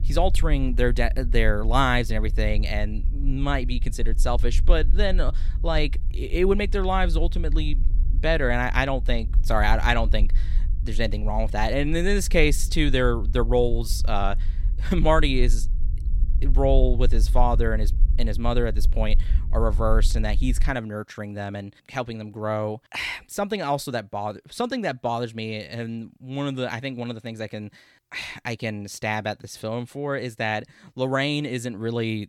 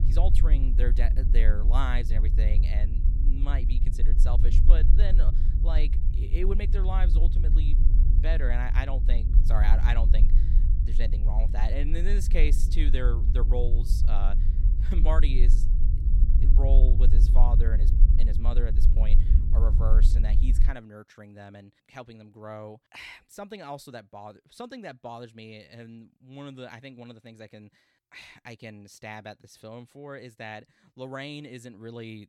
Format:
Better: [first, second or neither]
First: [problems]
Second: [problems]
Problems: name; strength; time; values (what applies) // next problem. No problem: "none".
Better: first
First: low rumble; faint; until 21 s; 20 dB below the speech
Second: low rumble; loud; until 21 s; 7 dB below the speech